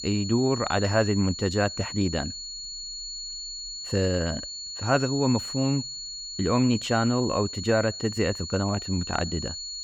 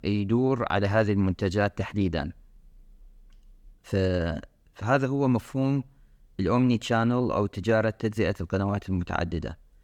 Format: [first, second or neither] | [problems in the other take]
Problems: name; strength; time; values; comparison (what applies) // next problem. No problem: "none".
second | high-pitched whine; loud; throughout; 4.5 kHz, 7 dB below the speech